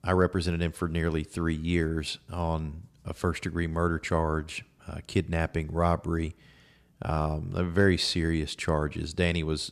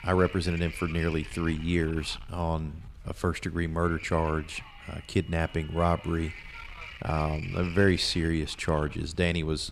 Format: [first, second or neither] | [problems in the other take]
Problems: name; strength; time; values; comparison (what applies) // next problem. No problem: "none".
first | wind noise on the microphone; occasional gusts; 10 dB below the speech